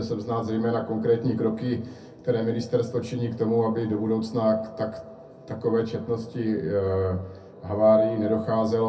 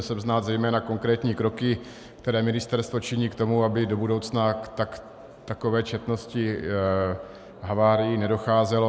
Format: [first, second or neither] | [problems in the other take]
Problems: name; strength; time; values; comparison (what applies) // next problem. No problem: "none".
second | room echo; dies away in 0.3 s